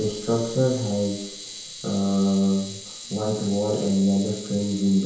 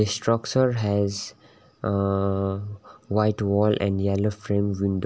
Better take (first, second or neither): second